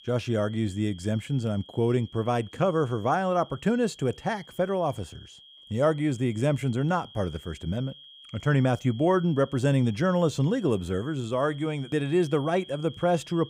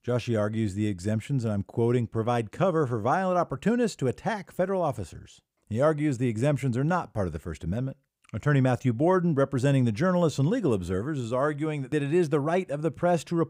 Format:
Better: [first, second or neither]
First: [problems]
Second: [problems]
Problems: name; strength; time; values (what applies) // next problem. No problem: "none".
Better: second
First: high-pitched whine; faint; throughout; 3.5 kHz, 20 dB below the speech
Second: none